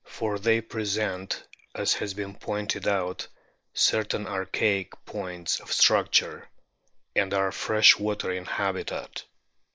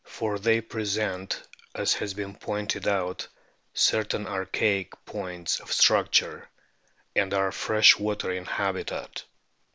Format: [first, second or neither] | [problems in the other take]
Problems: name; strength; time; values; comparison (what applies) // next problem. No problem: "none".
second | noise reduction (neural mask model Resemble Enhance denoiser)